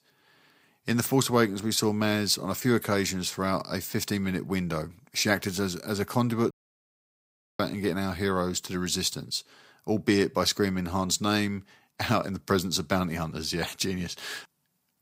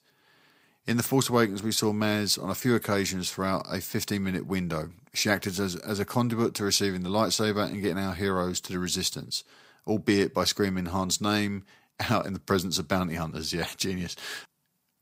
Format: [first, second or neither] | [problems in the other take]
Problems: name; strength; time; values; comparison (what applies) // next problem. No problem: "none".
second | audio cutting out; at 6.5 s for 1 s